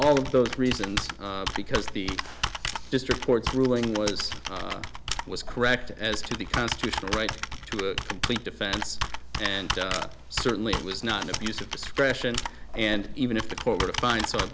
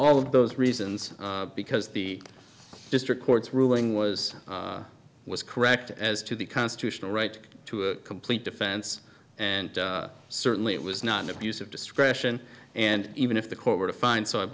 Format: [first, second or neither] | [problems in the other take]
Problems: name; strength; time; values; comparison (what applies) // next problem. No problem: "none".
second | background sound (Computer keyboard); 4 dB below the speech